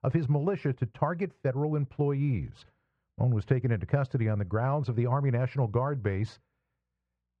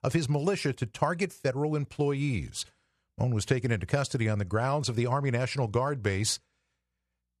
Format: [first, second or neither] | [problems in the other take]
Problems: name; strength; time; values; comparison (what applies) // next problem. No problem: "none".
second | muffled; very; fading above 1.5 kHz